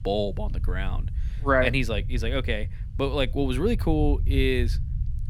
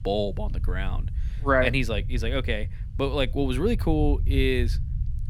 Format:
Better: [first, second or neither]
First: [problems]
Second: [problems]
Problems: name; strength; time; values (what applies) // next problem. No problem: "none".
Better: neither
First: low rumble; faint; throughout; 20 dB below the speech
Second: low rumble; faint; throughout; 20 dB below the speech